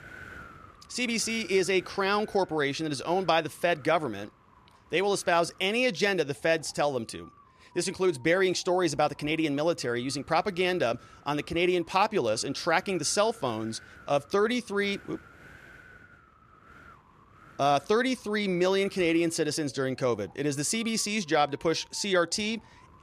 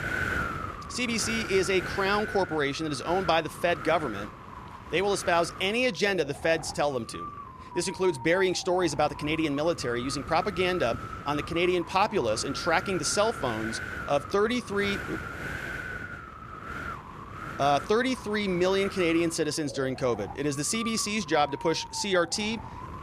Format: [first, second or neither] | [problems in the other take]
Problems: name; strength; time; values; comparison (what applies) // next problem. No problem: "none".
first | wind noise on the microphone; heavy; 9 dB below the speech; occasional gusts in the first